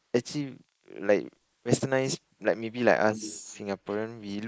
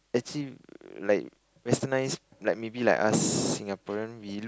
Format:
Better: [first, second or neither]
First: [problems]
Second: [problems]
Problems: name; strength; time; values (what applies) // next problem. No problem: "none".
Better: second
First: noise reduction (neural mask model Resemble Enhance denoiser)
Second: none